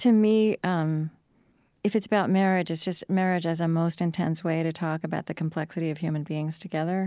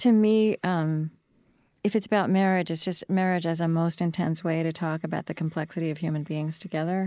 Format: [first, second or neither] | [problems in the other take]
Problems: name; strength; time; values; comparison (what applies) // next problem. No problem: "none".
first | noise reduction (neural mask model Resemble Enhance denoiser)